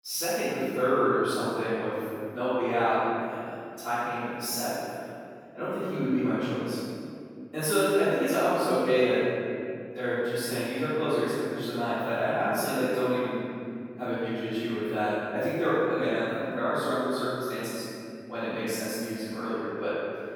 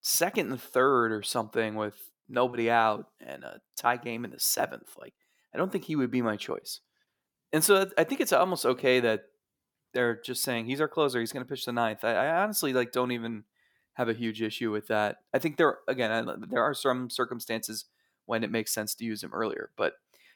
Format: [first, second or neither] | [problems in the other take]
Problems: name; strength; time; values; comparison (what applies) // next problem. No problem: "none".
second | off-mic speech; far // room echo; strong; dies away in 2.5 s